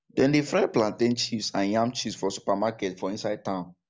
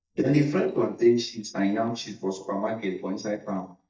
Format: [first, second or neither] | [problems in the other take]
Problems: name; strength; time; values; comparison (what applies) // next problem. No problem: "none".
first | noise reduction (neural mask model DeepFilterNet 3)